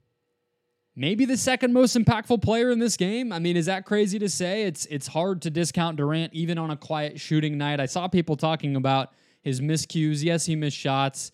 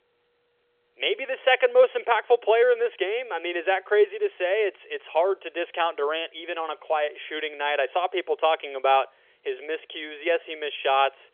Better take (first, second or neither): first